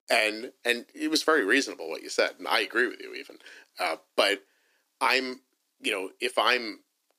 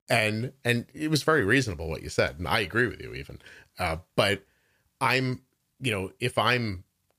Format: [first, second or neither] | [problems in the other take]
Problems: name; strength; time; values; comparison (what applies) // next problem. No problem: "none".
second | thin; somewhat; fading below 300 Hz